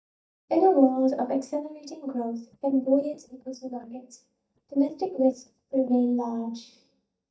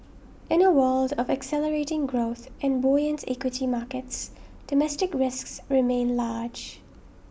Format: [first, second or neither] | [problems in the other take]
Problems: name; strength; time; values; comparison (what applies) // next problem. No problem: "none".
second | noise reduction (neural mask model DeepFilterNet 3)